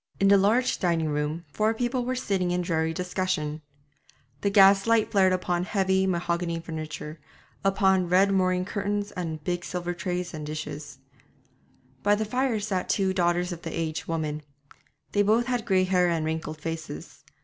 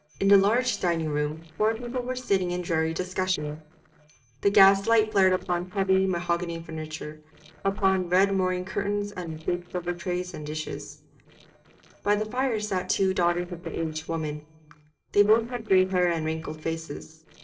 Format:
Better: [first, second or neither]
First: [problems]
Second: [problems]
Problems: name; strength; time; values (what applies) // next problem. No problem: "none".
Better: first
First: none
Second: noise reduction (neural separator model SepFormer DNS4)